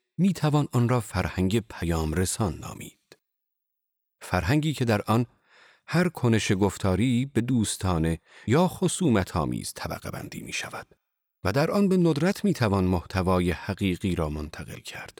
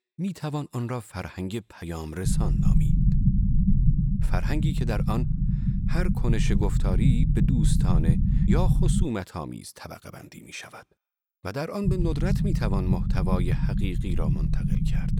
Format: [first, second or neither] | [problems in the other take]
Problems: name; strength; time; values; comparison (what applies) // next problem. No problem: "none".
first | low rumble; loud; from 2.5 to 9 s and from 12 s on; 1 dB below the speech